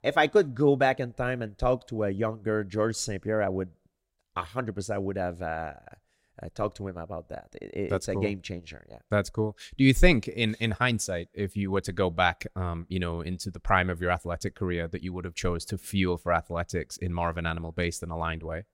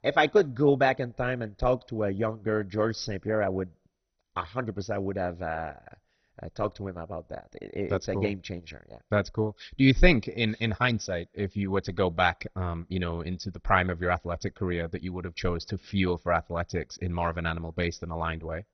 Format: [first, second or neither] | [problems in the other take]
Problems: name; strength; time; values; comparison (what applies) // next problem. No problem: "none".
first | garbled, watery; badly; nothing above 6 kHz